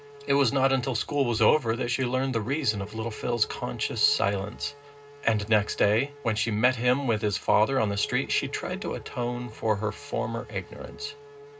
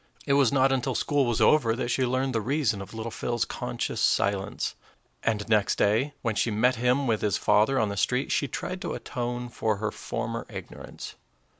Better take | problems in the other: second | background sound (Race car, auto racing / Accelerating, revving, vroom); 20 dB below the speech // room echo; dies away in 0.2 s

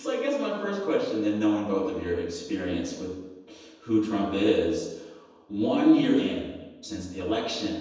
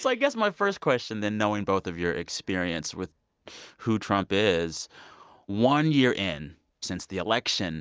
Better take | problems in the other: second | room echo; dies away in 1.1 s

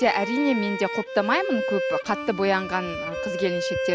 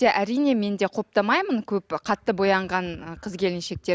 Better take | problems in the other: second | background sound (Bowed string instrument); 4 dB below the speech

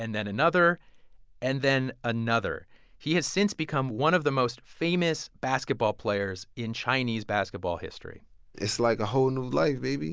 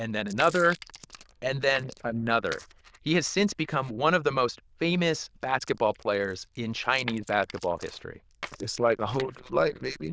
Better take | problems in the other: first | noise reduction (neural diffusion model UNIVERSE++)

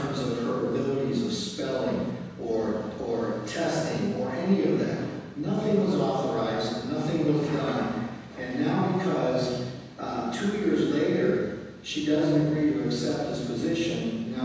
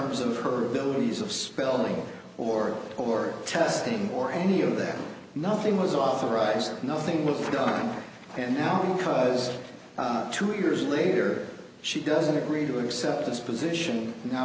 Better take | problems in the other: second | room echo; dies away in 1.1 s

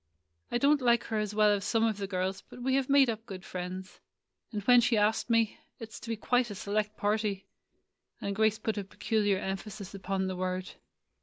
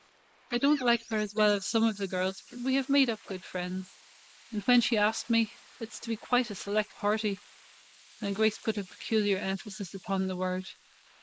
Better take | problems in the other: first | noise reduction (neural mask model Resemble Enhance denoiser)

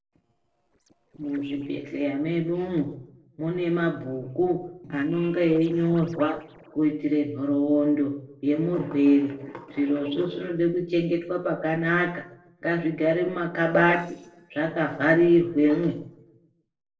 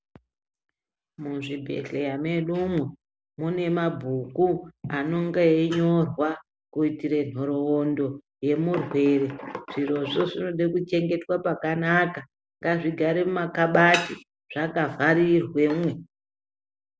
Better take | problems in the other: second | noise reduction (neural separator model SepFormer DNS4)

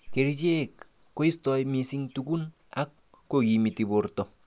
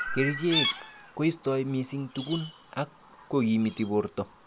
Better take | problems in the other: first | background sound (Chirp, tweet); 7 dB below the speech

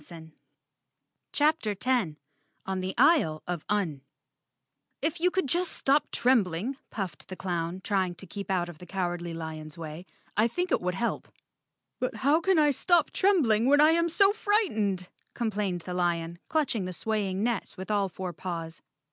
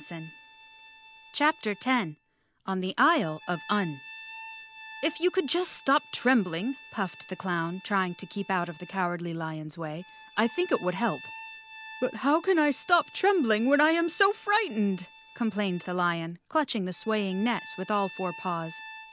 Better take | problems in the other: first | background sound (Bowed string instrument); 19 dB below the speech

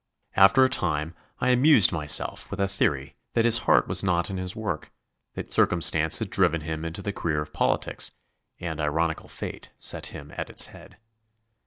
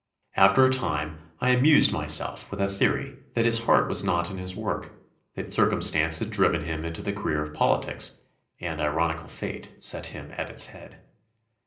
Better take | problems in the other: first | room echo; dies away in 0.5 s

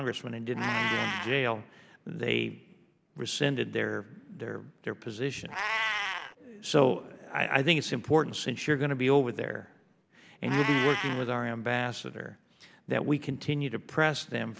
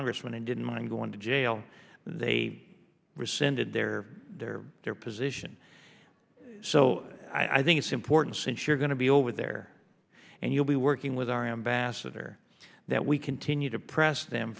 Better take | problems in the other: second | background sound (Meow); 9 dB below the speech

